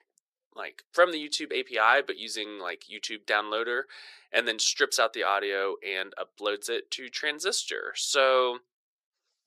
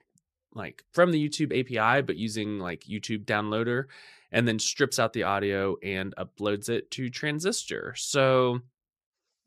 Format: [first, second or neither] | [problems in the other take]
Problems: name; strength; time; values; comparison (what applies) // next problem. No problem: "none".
second | thin; very; fading below 400 Hz